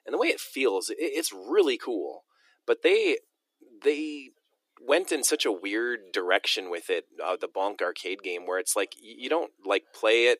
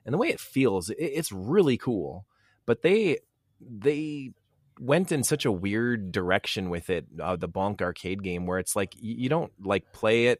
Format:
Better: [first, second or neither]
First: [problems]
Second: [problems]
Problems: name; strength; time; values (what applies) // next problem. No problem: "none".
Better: second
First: thin; somewhat; fading below 300 Hz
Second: none